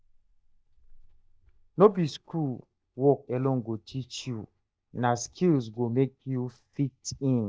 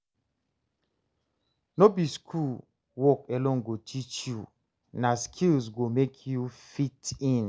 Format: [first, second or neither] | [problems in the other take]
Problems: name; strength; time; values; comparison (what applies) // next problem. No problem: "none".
second | noise reduction (neural mask model DeepFilterNet 3)